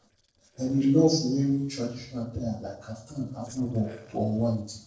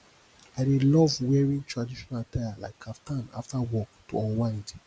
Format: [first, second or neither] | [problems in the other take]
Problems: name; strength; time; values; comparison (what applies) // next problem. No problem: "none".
second | noise reduction (neural separator model SepFormer DNS4)